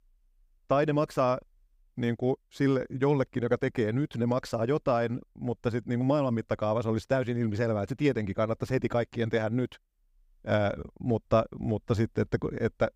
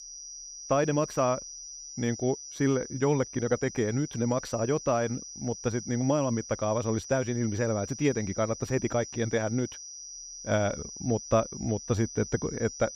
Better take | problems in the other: first | high-pitched whine; noticeable; throughout; 6 kHz, 10 dB below the speech

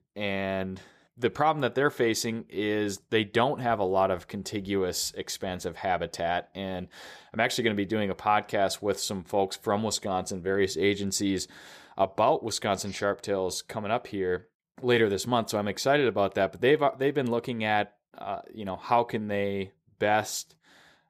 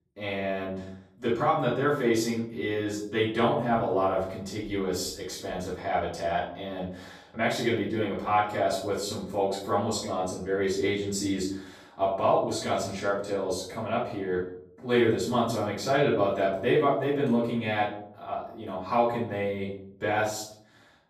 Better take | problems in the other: first | off-mic speech; far // room echo; noticeable; dies away in 0.6 s

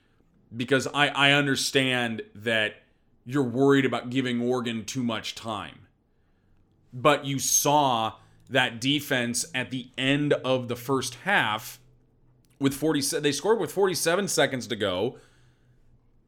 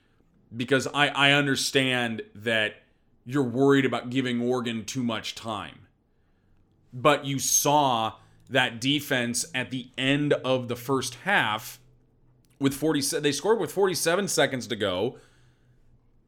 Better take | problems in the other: neither | none

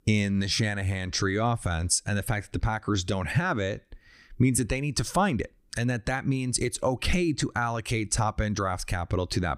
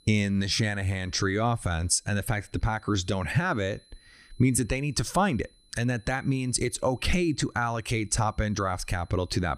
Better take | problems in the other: first | high-pitched whine; faint; throughout; 4 kHz, 30 dB below the speech

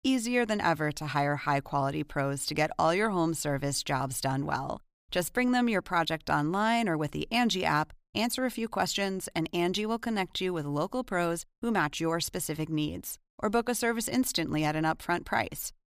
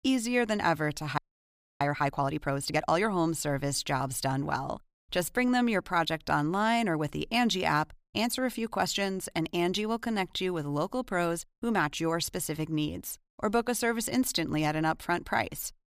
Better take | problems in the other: first | audio freezing; at 1 s for 0.5 s

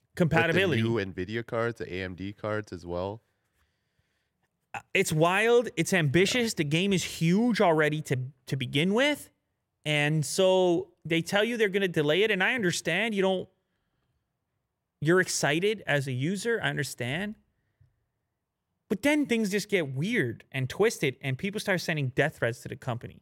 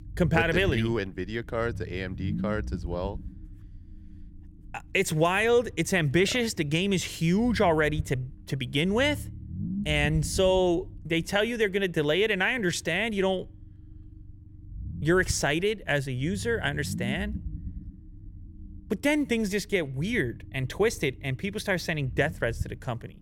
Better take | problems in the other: first | low rumble; faint; throughout; 20 dB below the speech

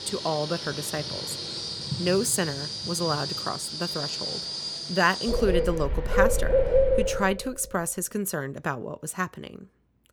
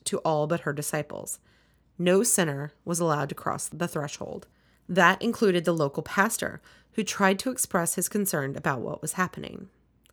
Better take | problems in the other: second | animal sounds; very loud; until 7 s; as loud as the speech

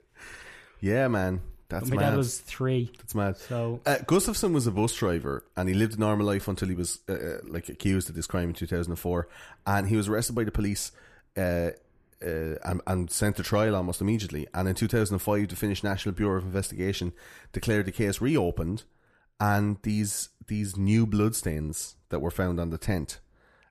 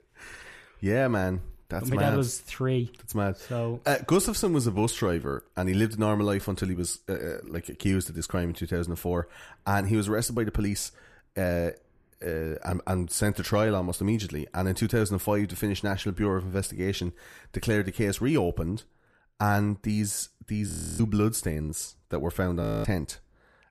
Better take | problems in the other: first | audio freezing; at 21 s and at 23 s

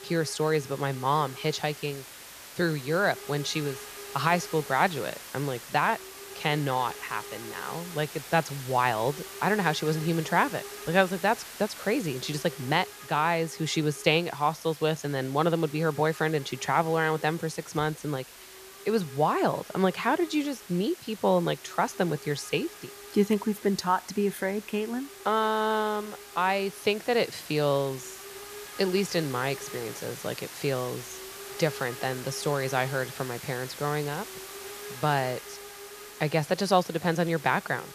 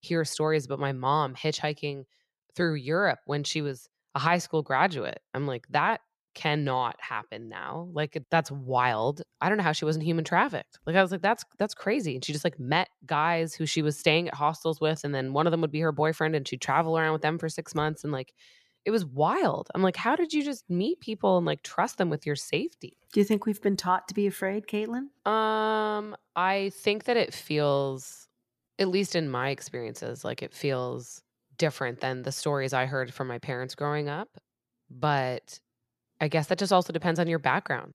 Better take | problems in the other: second | hiss; noticeable; throughout; 15 dB below the speech

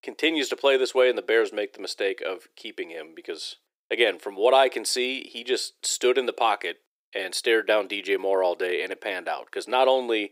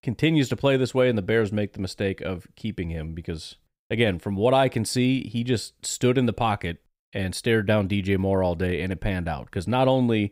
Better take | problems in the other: second | thin; very; fading below 350 Hz

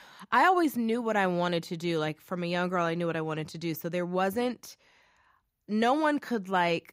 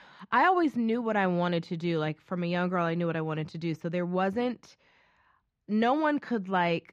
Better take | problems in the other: first | muffled; very slightly; fading above 3.5 kHz

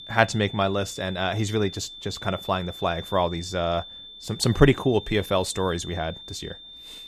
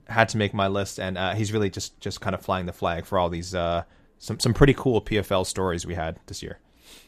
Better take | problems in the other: second | high-pitched whine; noticeable; throughout; 3.5 kHz, 15 dB below the speech

